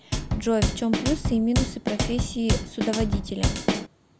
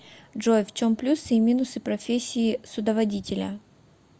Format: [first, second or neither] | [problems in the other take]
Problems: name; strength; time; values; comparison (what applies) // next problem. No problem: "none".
second | background sound (Drum kit); 1 dB above the speech